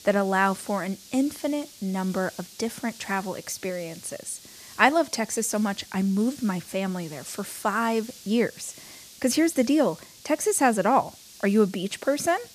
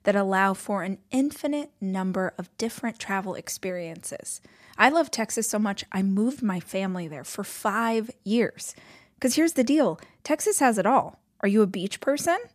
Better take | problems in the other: second | hiss; noticeable; throughout; 20 dB below the speech

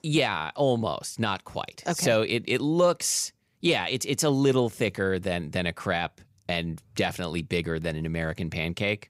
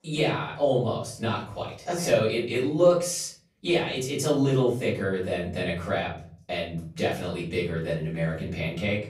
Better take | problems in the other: first | off-mic speech; far // room echo; slight; dies away in 0.5 s

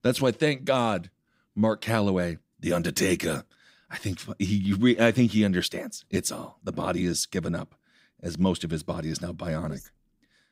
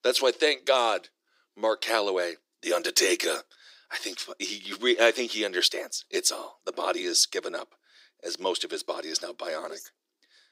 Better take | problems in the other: first | thin; very; fading below 350 Hz

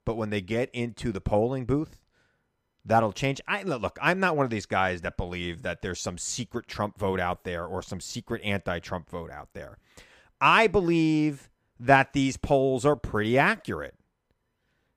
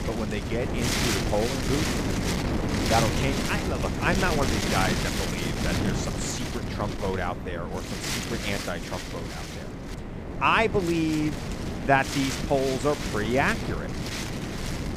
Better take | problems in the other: first | wind noise on the microphone; heavy; 4 dB below the speech

